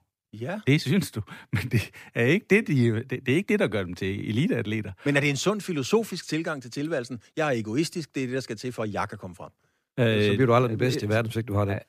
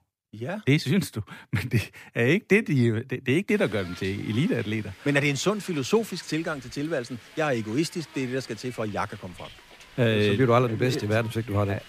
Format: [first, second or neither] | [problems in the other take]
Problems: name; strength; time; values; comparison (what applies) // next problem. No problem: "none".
first | hiss; faint; from 3.5 s on; 20 dB below the speech